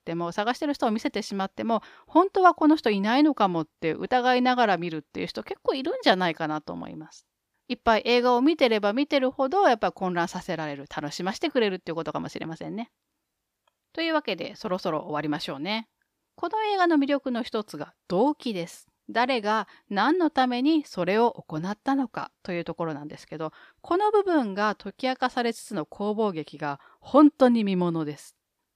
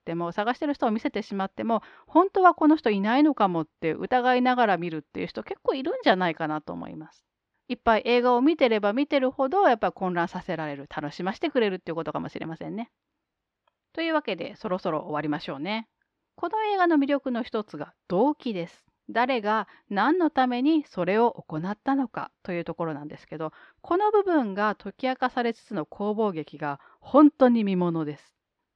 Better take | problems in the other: first | muffled; slightly; fading above 3 kHz

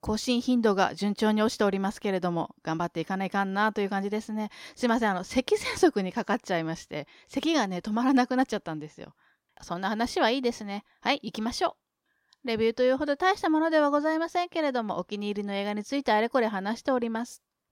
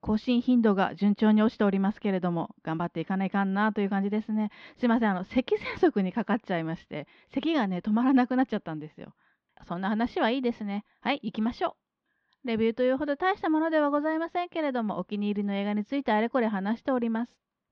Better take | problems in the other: first | muffled; slightly; fading above 3.5 kHz

